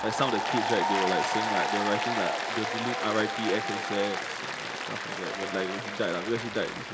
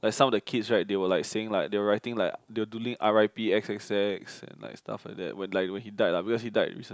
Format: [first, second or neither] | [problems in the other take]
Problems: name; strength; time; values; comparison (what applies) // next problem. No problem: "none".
second | background sound (Applause); 1 dB above the speech // room echo; dies away in 0.4 s